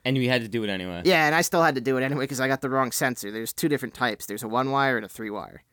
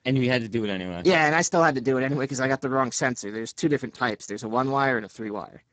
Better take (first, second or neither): first